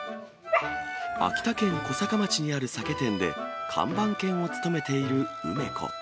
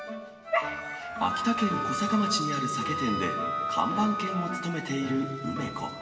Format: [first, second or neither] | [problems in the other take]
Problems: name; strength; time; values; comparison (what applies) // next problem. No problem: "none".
first | background sound (Wind instrument, woodwind instrument); 4 dB below the speech // room echo; dies away in 1.9 s